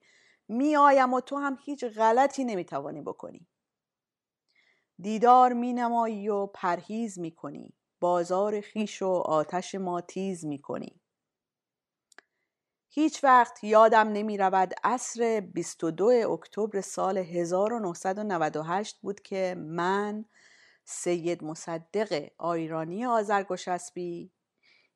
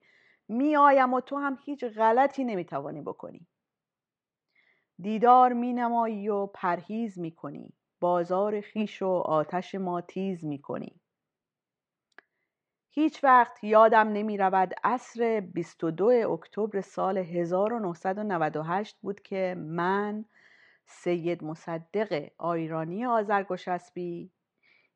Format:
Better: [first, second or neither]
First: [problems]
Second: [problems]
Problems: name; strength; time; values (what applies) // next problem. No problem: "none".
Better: first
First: none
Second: muffled; slightly; fading above 2.5 kHz